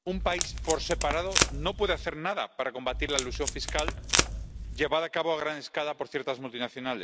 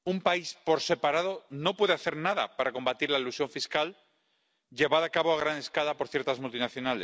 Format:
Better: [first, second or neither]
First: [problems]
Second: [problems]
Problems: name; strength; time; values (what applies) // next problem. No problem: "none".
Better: second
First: background sound (Packing tape, duct tape); as loud as the speech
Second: none